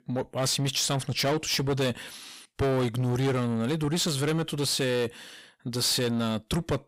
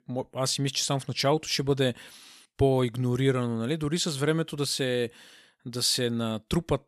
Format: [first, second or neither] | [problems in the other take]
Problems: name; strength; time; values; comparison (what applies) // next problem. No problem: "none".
second | distortion; heavy; 8 dB below the speech